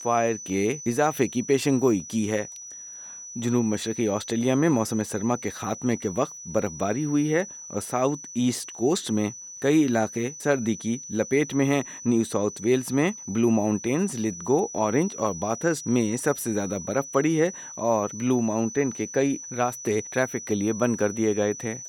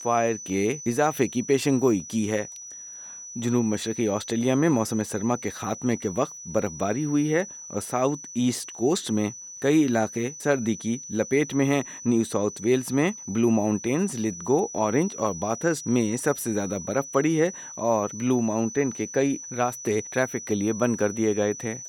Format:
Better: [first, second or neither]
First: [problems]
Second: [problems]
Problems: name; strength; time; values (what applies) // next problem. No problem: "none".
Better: neither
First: high-pitched whine; noticeable; throughout; 6 kHz, 10 dB below the speech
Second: high-pitched whine; noticeable; throughout; 6 kHz, 10 dB below the speech